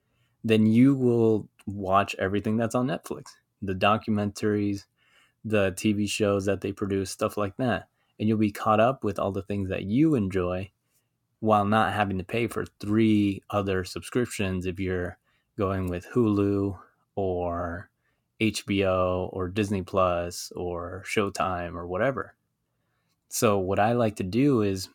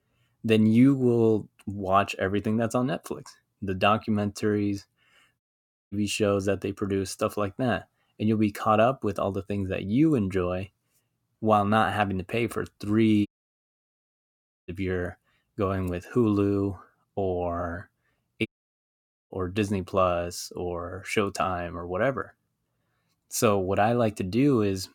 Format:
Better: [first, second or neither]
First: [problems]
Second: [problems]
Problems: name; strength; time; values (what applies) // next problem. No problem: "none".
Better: first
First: none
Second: audio cutting out; at 5.5 s for 0.5 s, at 13 s for 1.5 s and at 18 s for 1 s